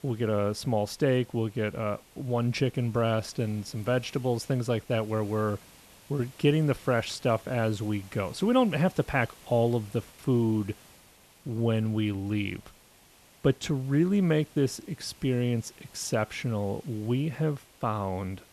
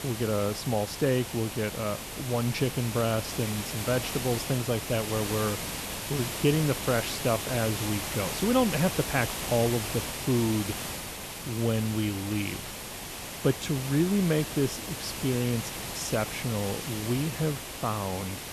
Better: first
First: hiss; faint; throughout; 25 dB below the speech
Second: hiss; loud; throughout; 5 dB below the speech

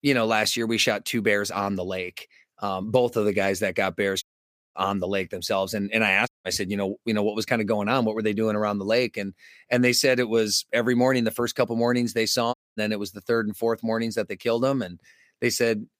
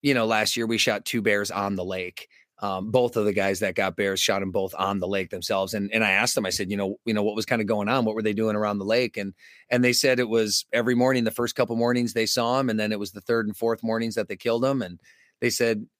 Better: second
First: audio cutting out; at 4 s for 0.5 s, at 6.5 s and at 13 s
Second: none

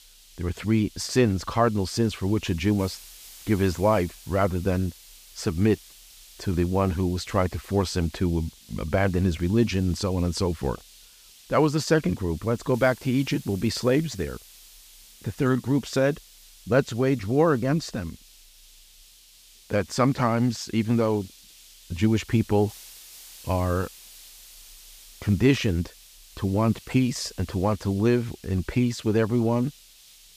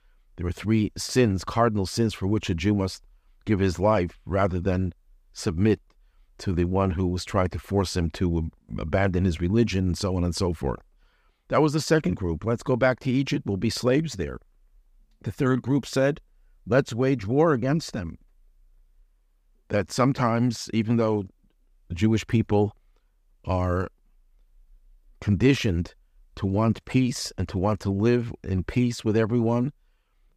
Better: second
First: hiss; faint; throughout; 20 dB below the speech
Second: none

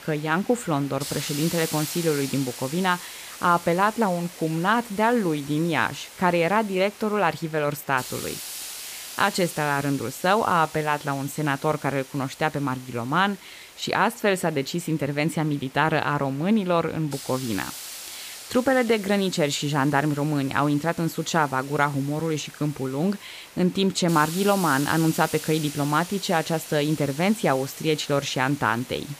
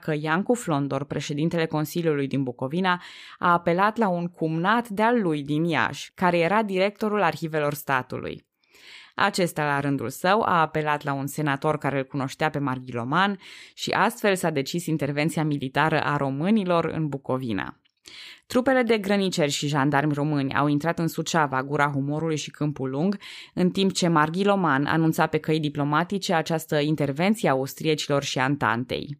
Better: second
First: hiss; noticeable; throughout; 15 dB below the speech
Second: none

